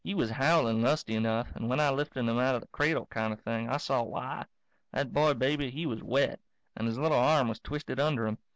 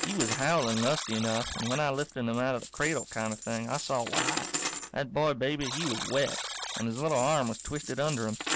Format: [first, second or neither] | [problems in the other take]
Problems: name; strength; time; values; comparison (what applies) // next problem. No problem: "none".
first | background sound (Coin (dropping) + Alarm); 5 dB below the speech